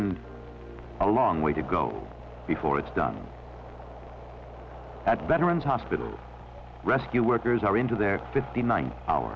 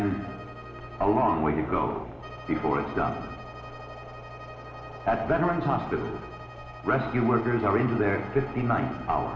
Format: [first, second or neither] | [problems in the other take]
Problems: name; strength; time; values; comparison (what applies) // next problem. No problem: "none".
first | background sound (Bowed string instrument); 18 dB below the speech // room echo; dies away in 1.4 s